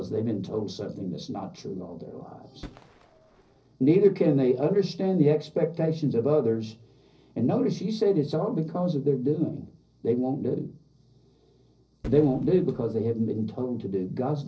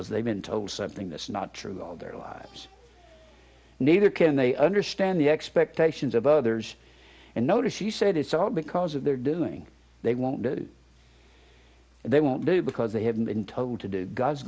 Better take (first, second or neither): second